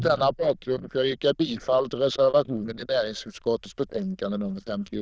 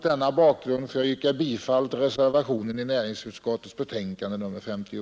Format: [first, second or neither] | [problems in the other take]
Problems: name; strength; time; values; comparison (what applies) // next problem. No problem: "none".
second | noise reduction (neural diffusion model UNIVERSE++)